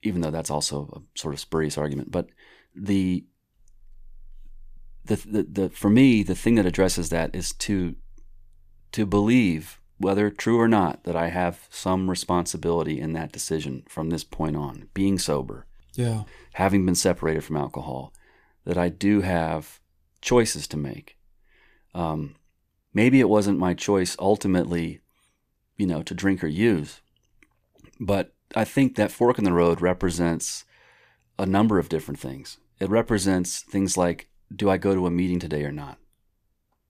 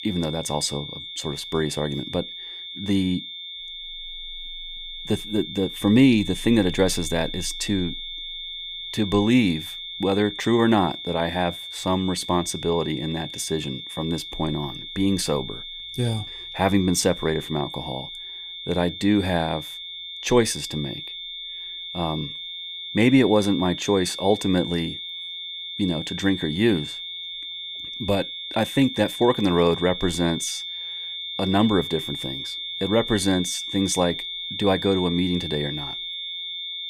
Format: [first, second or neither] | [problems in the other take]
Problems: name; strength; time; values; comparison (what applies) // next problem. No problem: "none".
first | high-pitched whine; loud; throughout; 3.5 kHz, 8 dB below the speech